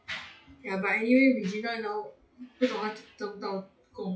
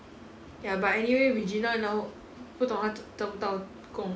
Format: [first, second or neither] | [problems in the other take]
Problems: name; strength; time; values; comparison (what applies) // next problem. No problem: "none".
second | noise reduction (classical method WPE with log-MMSE)